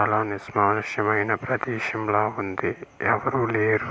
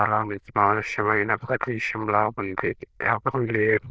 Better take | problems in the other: first | noise reduction (neural diffusion model UNIVERSE++)

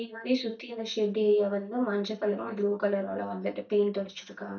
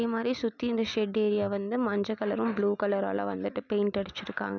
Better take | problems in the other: second | noise reduction (neural mask model DeepFilterNet 3)

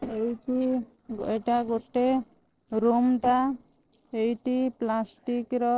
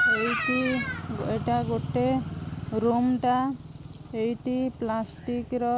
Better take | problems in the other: second | noise reduction (neural separator model SepFormer DNS4)

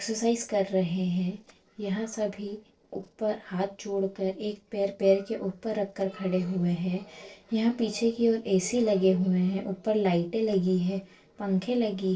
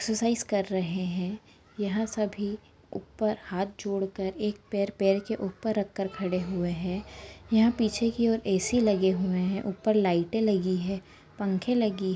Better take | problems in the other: second | noise reduction (neural separator model SepFormer DNS4)

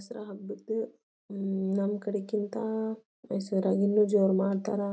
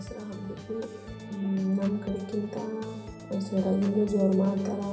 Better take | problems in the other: first | background sound (Organ); 13 dB below the speech // room echo; dies away in 2.3 s

